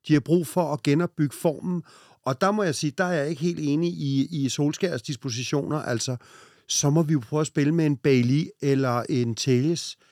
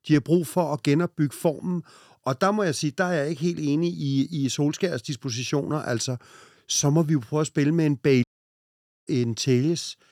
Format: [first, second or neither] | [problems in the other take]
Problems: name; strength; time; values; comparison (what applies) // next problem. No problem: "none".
first | audio cutting out; at 8 s for 1 s